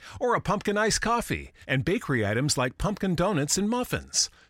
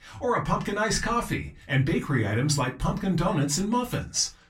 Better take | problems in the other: first | off-mic speech; far // room echo; very slight; dies away in 0.2 s

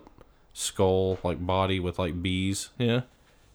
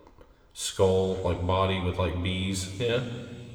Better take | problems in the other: first | room echo; slight; dies away in 2.2 s

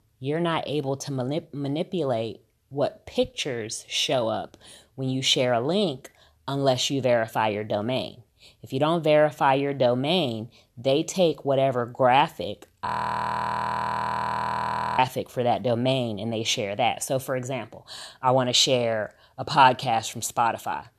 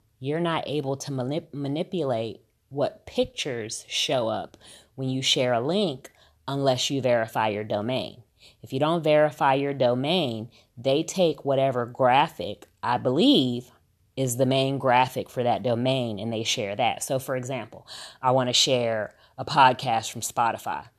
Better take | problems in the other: second | audio freezing; at 13 s for 2 s

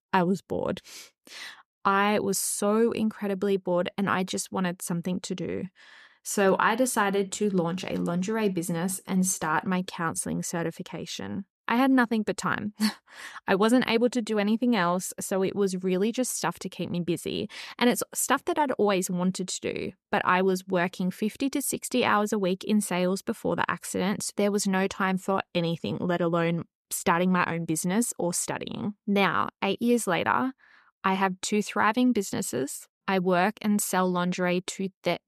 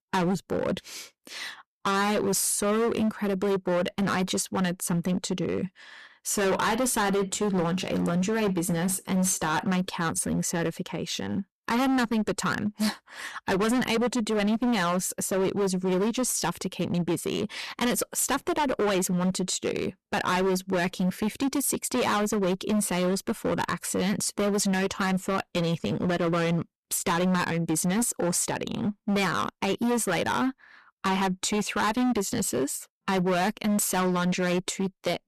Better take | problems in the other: first | distortion; heavy; 20% of the sound clipped

